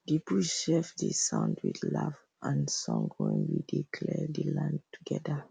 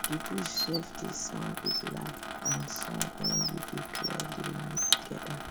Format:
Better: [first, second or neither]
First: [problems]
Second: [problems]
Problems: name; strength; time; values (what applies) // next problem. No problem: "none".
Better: first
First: none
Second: background sound (Bird + Sink (filling or washing) / Water tap, faucet); 3 dB above the speech